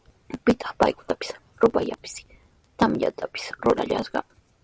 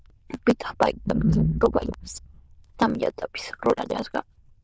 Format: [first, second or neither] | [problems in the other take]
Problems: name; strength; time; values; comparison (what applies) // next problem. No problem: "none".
first | noise reduction (neural diffusion model UNIVERSE++)